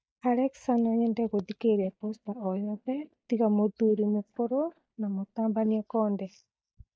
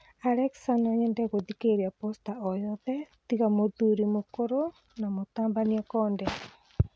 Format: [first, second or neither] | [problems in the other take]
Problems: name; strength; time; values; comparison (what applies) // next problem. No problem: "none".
second | noise reduction (neural mask model DeepFilterNet 3)